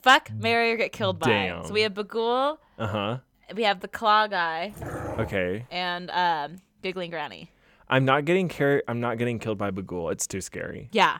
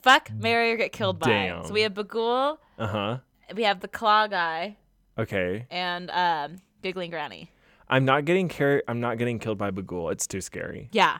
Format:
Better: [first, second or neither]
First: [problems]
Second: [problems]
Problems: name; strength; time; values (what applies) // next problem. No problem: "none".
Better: second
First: dog barking; noticeable; at 4.5 s; peak 8 dB below the speech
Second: none